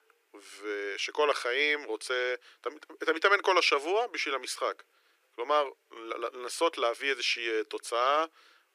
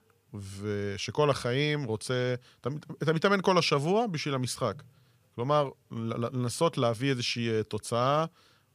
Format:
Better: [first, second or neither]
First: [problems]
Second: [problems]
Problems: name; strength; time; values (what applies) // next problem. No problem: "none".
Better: second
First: thin; very; fading below 300 Hz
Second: none